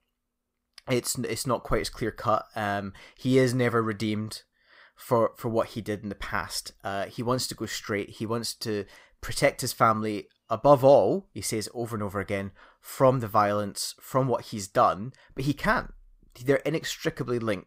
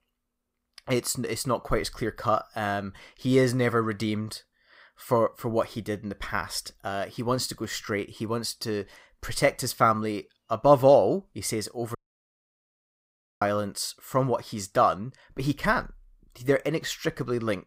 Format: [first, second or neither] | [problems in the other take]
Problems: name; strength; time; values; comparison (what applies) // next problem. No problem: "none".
first | audio cutting out; at 12 s for 1.5 s